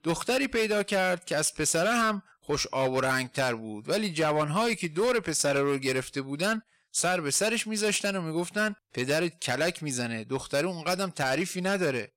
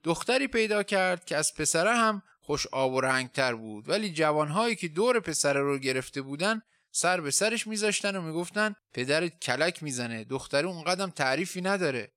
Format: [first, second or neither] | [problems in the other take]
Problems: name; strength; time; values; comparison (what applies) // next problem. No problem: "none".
second | distortion; slight; 9% of the sound clipped